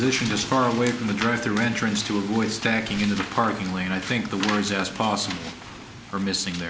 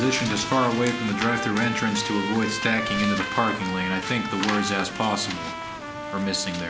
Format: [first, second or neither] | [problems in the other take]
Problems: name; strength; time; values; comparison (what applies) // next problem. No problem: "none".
first | background sound (Trumpet); 7 dB below the speech